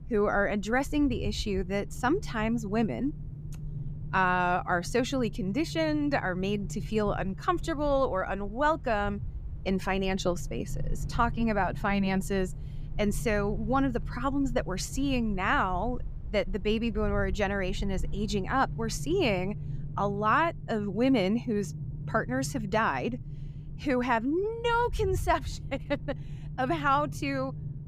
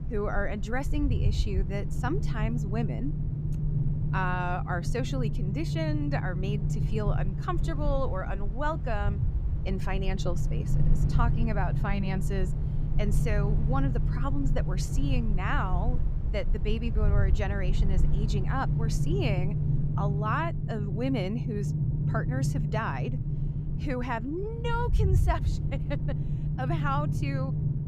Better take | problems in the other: first | low rumble; loud; throughout; 7 dB below the speech; faint in the first

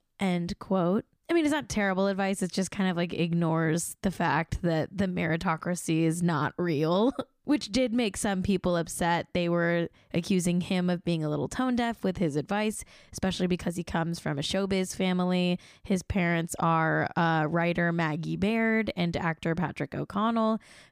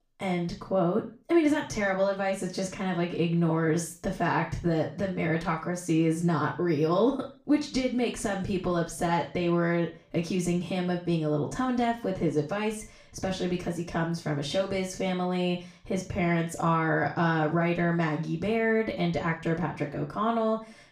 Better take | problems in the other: first | room echo; slight; dies away in 0.4 s // off-mic speech; far

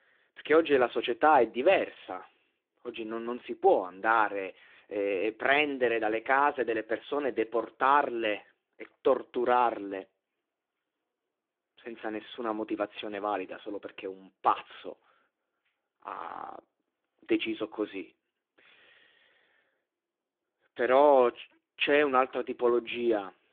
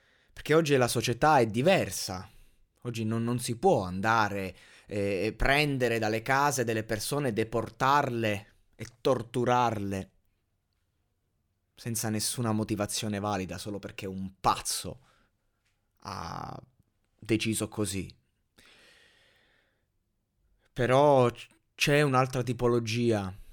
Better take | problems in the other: second | phone-call audio; nothing above 3.5 kHz

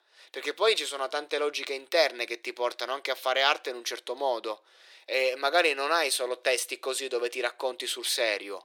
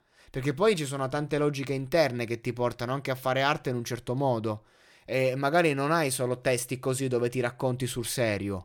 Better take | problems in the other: second | thin; very; fading below 400 Hz

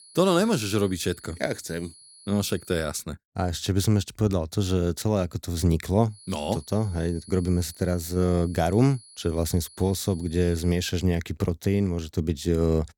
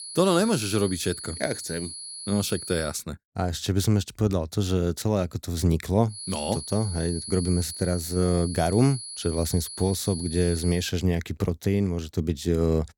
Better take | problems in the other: first | high-pitched whine; loud; until 3 s and from 6 to 11 s; 10 kHz, 9 dB below the speech; faint in the first

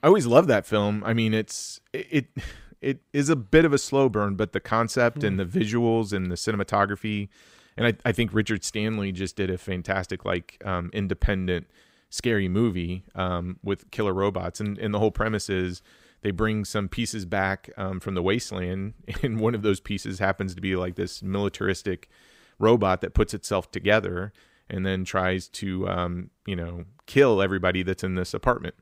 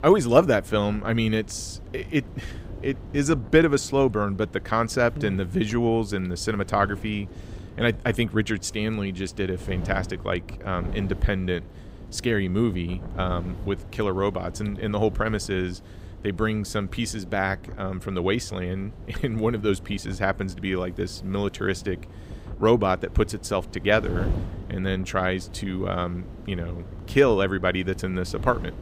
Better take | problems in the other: first | wind noise on the microphone; occasional gusts; 20 dB below the speech

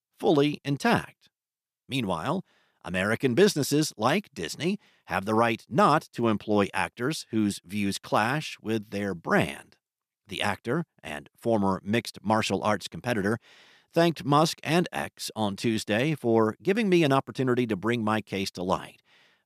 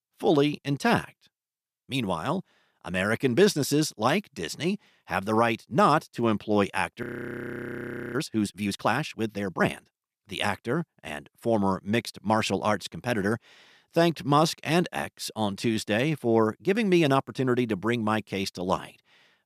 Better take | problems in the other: first | audio freezing; at 7 s for 1 s

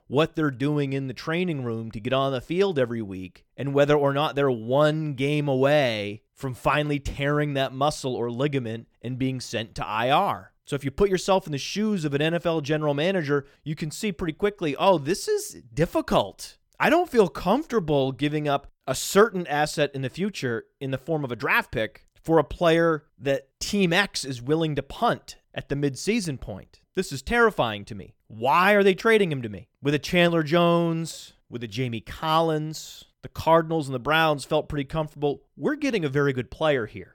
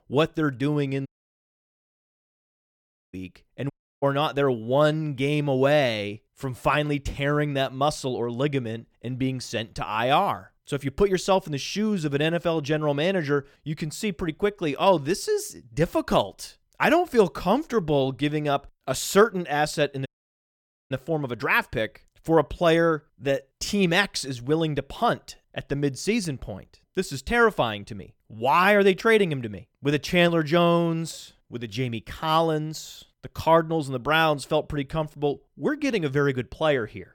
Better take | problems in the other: first | audio cutting out; at 1 s for 2 s, at 3.5 s and at 20 s for 1 s

